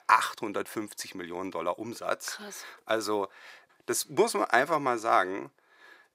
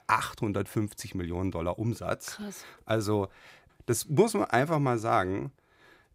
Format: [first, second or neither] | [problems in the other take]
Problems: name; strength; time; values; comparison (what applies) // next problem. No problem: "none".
second | thin; somewhat; fading below 400 Hz